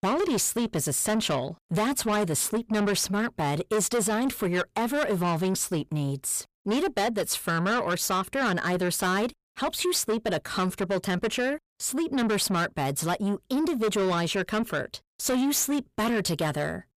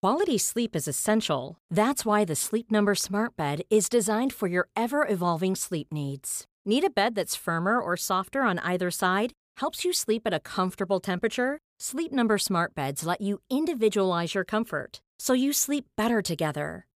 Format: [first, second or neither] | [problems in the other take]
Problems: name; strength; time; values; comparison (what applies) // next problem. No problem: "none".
second | distortion; heavy; 8 dB below the speech